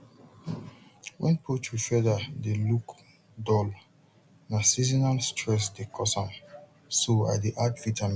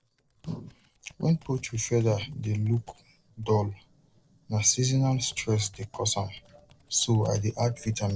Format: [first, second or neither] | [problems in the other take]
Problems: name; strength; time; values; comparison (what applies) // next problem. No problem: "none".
first | noise reduction (neural separator model SepFormer DNS4)